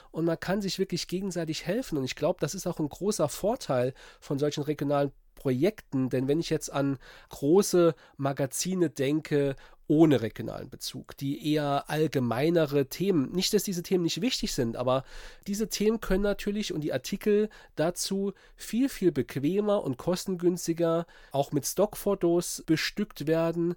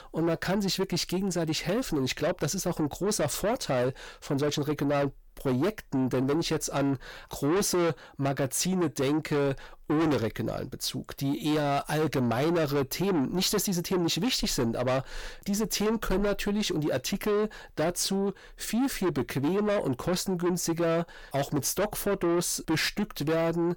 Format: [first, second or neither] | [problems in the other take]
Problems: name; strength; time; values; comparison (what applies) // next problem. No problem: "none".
first | distortion; heavy; 7 dB below the speech